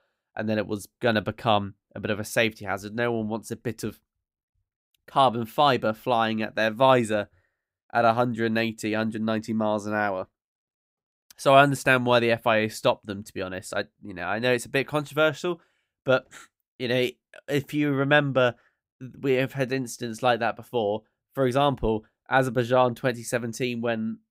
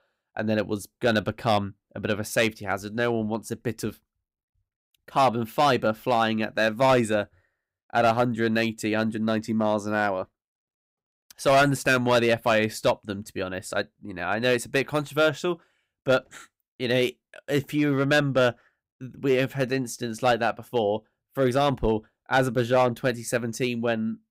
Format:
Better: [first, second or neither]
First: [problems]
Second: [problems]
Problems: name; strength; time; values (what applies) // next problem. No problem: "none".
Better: first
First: none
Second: distortion; slight; 2% of the sound clipped